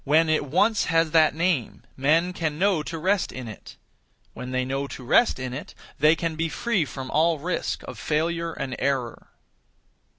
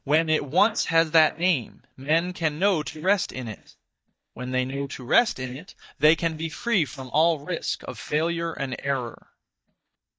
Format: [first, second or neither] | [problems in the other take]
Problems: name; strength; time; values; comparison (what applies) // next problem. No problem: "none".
first | noise reduction (neural mask model DeepFilterNet 3)